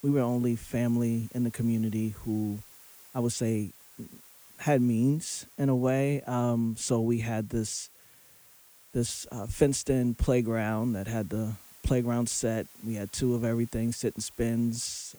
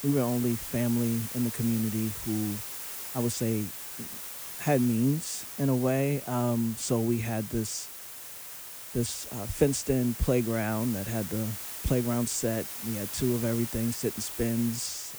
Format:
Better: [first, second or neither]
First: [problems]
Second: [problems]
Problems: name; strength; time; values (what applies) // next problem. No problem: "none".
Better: first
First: hiss; faint; throughout; 20 dB below the speech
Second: hiss; loud; throughout; 7 dB below the speech